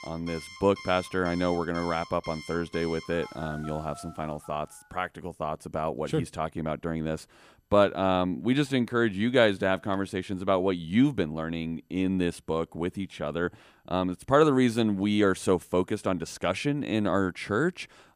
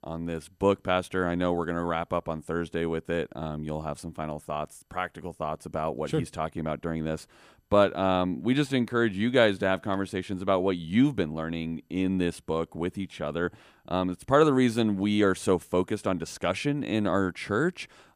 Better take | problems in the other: second | alarms or sirens; noticeable; until 4 s; 15 dB below the speech

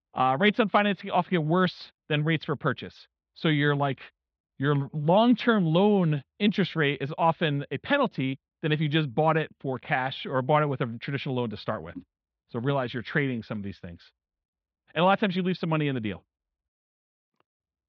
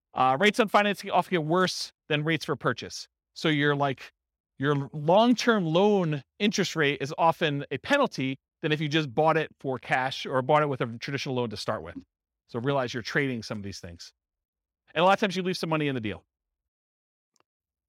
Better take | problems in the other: second | muffled; slightly; fading above 4 kHz

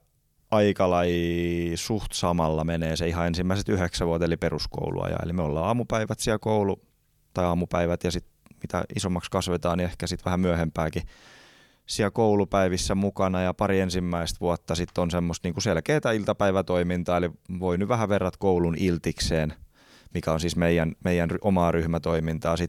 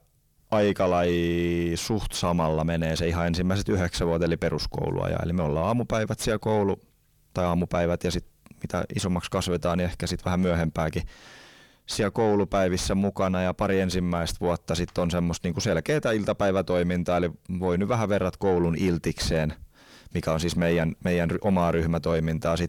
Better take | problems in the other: first | distortion; slight; 10 dB below the speech

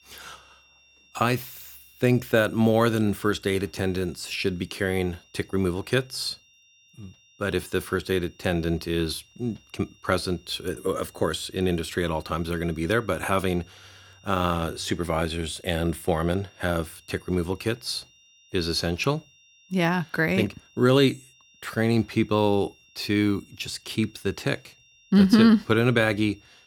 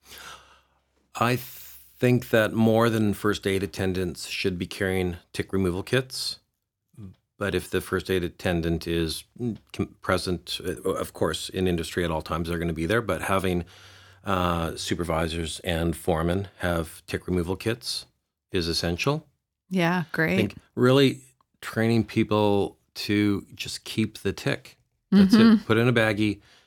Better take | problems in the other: second | high-pitched whine; faint; throughout; 3 kHz, 30 dB below the speech

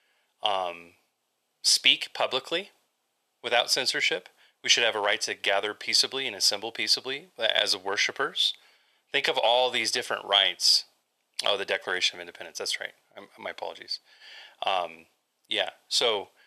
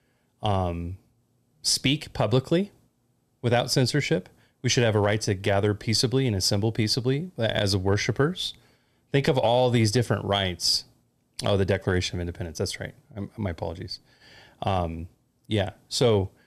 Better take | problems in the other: second | thin; very; fading below 750 Hz

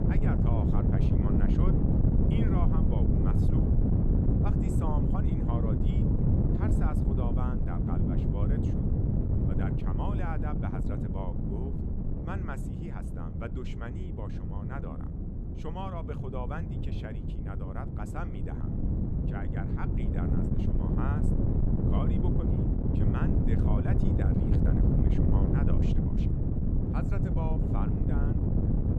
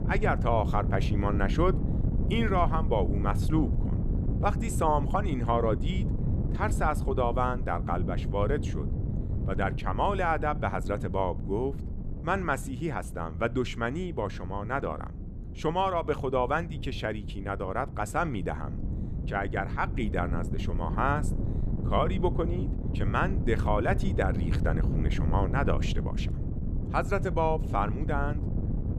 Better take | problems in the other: second | wind noise on the microphone; heavy; 4 dB above the speech; occasional gusts in the second

